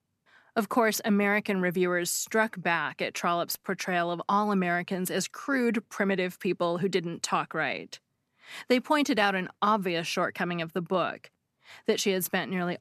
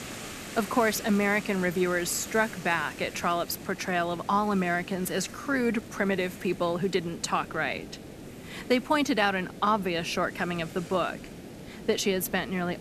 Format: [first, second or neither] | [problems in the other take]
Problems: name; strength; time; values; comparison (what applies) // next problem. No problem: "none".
first | hiss; noticeable; throughout; 15 dB below the speech